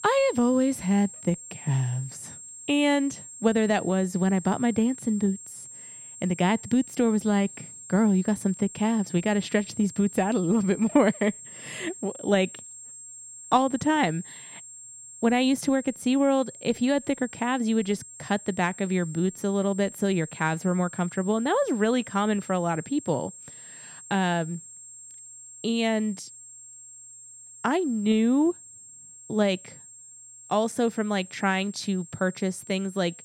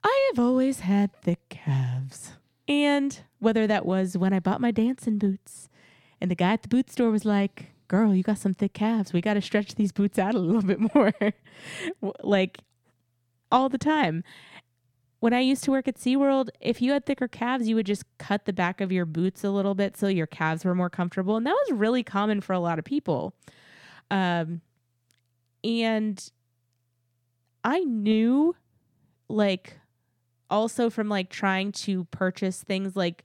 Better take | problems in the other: second | high-pitched whine; noticeable; throughout; 7.5 kHz, 15 dB below the speech

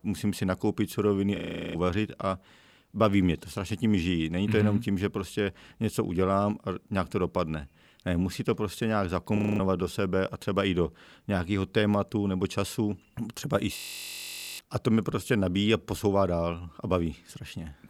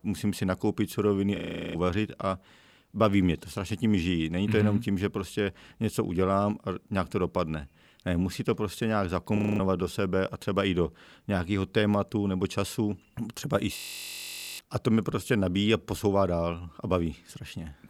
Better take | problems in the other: neither | audio freezing; at 1.5 s, at 9.5 s and at 14 s for 1 s; the same in both

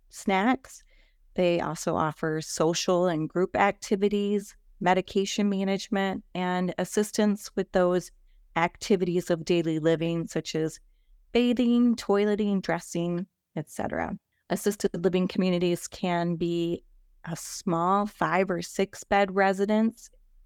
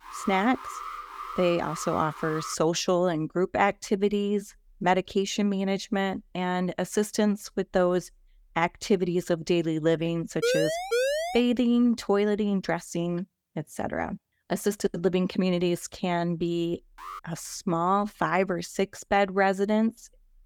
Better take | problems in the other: first | alarm; noticeable; until 2.5 s; peak 10 dB below the speech // siren; loud; at 10 s; peak 1 dB above the speech // alarm; faint; at 17 s; peak 15 dB below the speech

